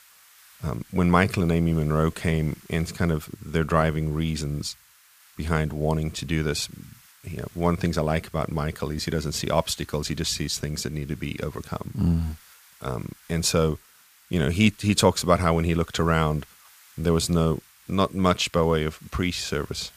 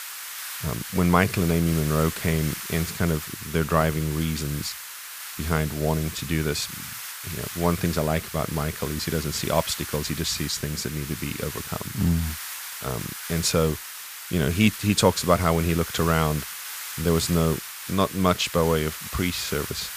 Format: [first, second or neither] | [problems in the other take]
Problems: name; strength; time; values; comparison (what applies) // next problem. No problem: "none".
first | hiss; loud; throughout; 8 dB below the speech; faint in the first